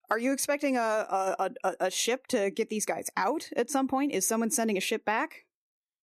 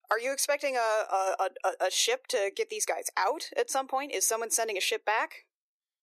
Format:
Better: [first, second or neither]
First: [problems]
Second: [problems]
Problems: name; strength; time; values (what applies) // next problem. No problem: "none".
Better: first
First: none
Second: thin; very; fading below 400 Hz